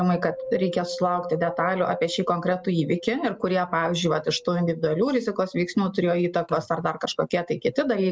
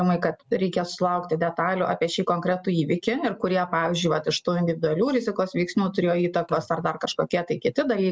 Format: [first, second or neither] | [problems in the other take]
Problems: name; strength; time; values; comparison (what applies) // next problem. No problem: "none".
second | background sound (Wind); 15 dB below the speech